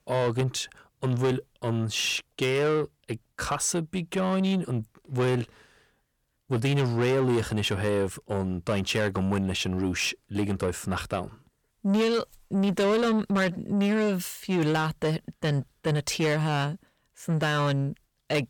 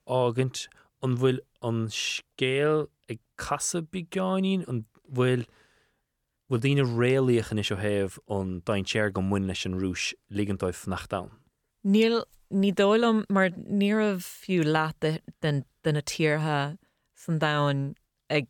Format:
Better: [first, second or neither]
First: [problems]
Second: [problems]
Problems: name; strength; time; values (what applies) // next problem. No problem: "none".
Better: second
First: distortion; slight; 10 dB below the speech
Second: none